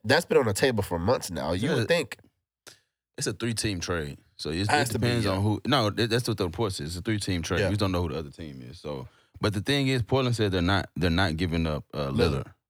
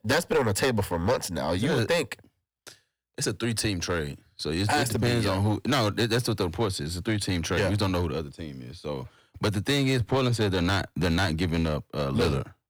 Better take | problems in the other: first | distortion; slight; 9% of the sound clipped

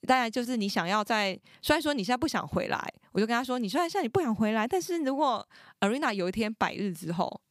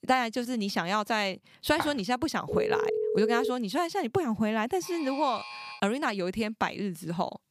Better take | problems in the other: first | footsteps; noticeable; at 2 s; peak 7 dB below the speech // phone ringing; loud; from 2.5 to 3.5 s; peak 1 dB above the speech // alarm; noticeable; at 5 s; peak 10 dB below the speech

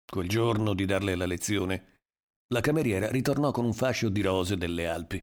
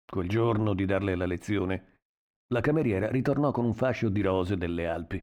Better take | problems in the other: first | muffled; very; fading above 3.5 kHz

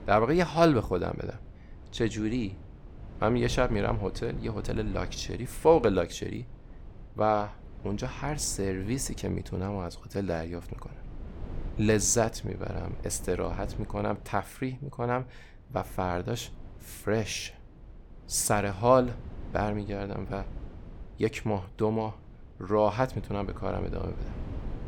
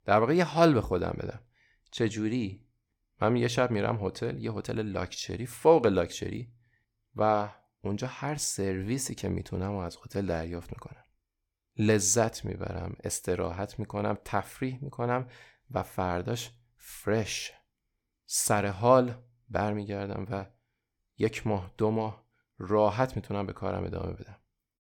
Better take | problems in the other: second | low rumble; faint; throughout; 25 dB below the speech

